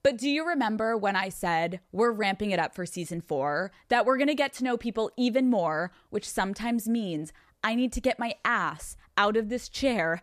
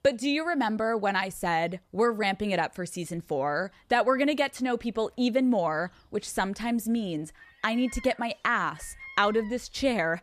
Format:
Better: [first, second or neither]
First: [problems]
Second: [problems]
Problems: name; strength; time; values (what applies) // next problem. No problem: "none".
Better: first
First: none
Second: animal sounds; faint; throughout; 20 dB below the speech